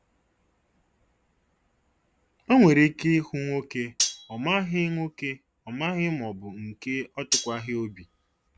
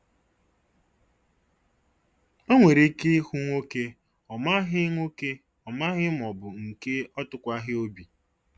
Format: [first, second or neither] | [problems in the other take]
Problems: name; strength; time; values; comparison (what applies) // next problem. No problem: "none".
second | background sound (Cutlery, silverware); 5 dB below the speech